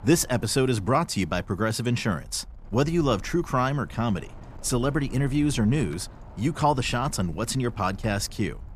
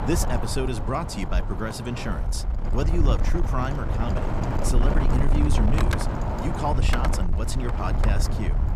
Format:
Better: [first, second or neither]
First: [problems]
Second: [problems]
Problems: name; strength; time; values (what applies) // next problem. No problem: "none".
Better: first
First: wind noise on the microphone; occasional gusts; 25 dB below the speech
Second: wind noise on the microphone; heavy; 1 dB below the speech